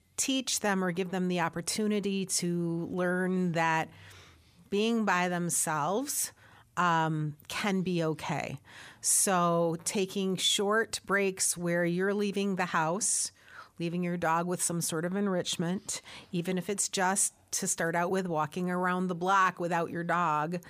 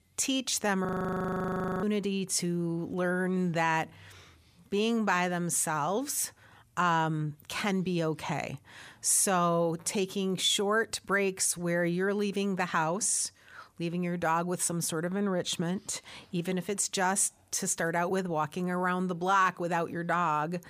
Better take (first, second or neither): first